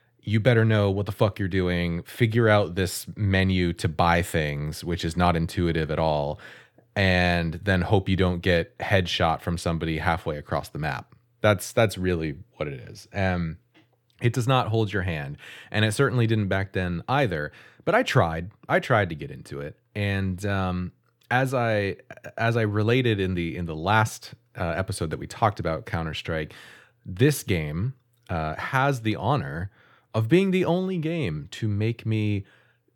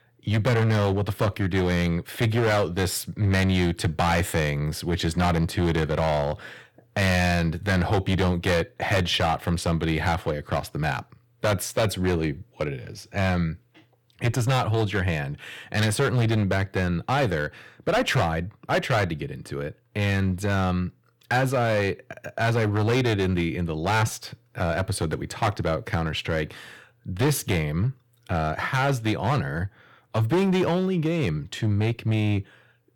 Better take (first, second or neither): first